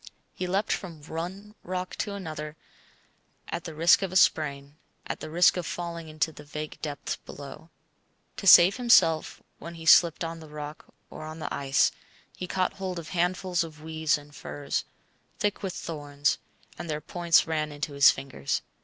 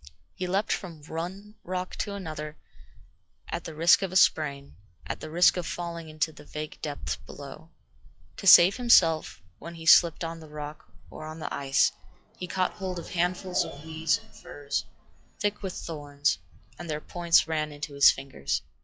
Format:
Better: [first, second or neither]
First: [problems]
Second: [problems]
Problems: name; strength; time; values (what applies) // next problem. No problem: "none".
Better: first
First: none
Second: noise reduction (classical method log-MMSE)